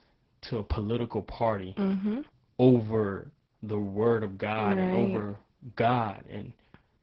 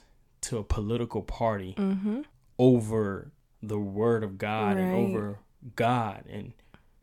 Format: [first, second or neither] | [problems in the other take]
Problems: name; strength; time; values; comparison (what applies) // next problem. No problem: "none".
second | garbled, watery; badly